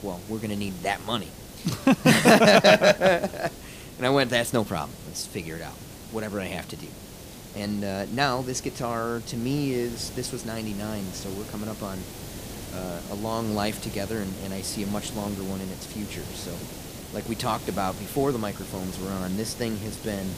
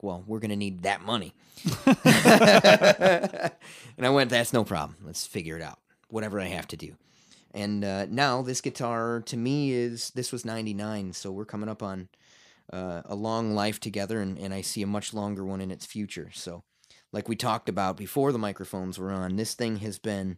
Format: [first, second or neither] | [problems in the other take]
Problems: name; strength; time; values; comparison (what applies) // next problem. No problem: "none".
second | hiss; noticeable; throughout; 15 dB below the speech